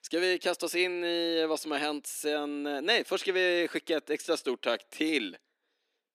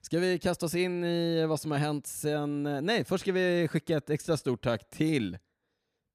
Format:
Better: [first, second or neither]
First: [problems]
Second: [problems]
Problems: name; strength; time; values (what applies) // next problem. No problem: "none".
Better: second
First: thin; somewhat; fading below 300 Hz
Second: none